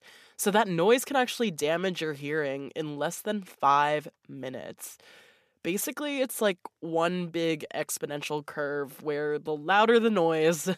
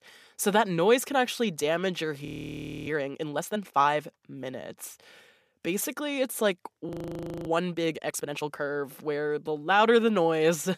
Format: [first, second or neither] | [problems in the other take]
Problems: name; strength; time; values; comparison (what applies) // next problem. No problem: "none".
first | audio freezing; at 2.5 s for 0.5 s and at 7 s for 0.5 s